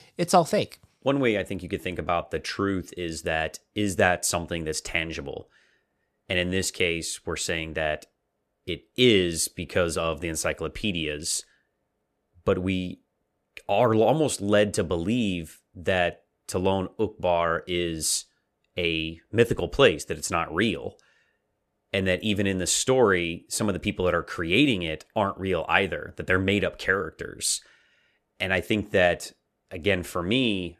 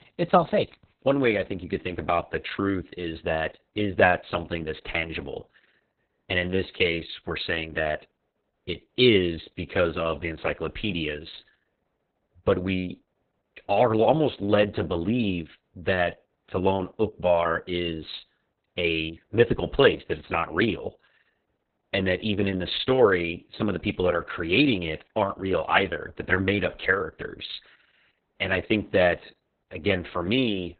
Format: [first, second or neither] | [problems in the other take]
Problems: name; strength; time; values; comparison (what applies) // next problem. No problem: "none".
first | garbled, watery; badly; nothing above 4 kHz